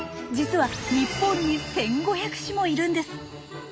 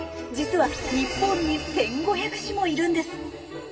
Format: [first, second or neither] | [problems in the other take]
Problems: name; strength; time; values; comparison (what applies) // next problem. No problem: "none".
first | room echo; dies away in 2.6 s